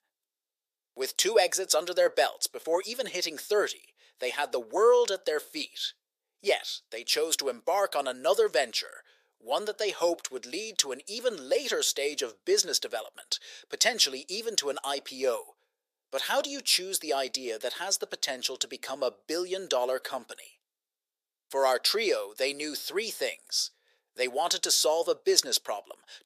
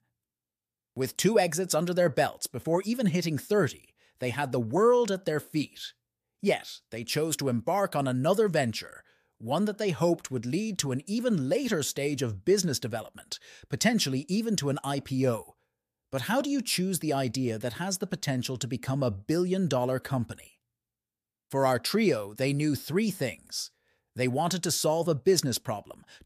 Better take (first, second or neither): second